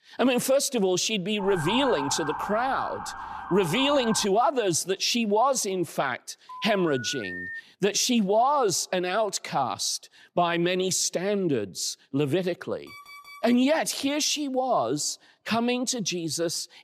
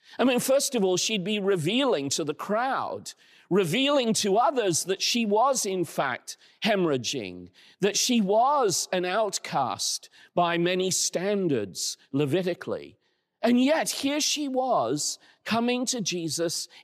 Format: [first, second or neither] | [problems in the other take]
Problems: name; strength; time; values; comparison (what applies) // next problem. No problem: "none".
second | siren; noticeable; from 1.5 to 4.5 s; peak 5 dB below the speech // phone ringing; noticeable; from 6.5 to 7.5 s; peak 9 dB below the speech // alarm; faint; at 13 s; peak 20 dB below the speech